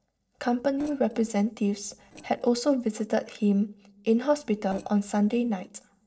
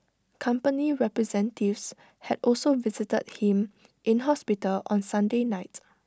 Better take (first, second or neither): second